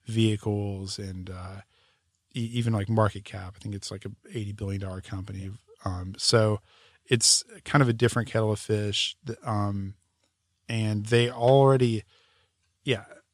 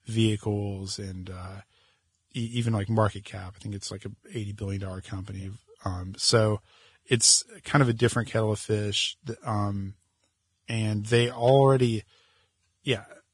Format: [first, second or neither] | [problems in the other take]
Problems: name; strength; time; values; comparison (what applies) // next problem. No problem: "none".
first | garbled, watery; badly; nothing above 10 kHz